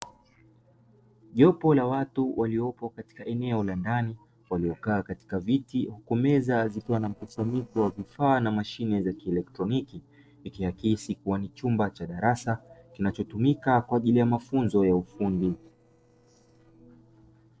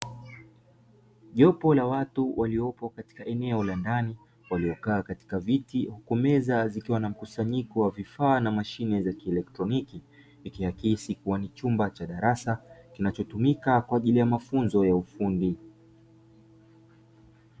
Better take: second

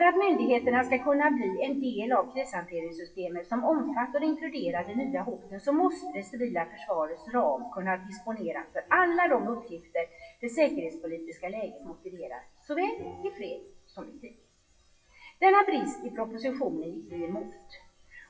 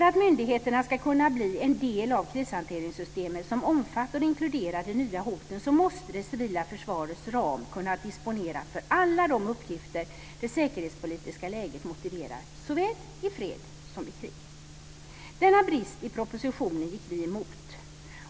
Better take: second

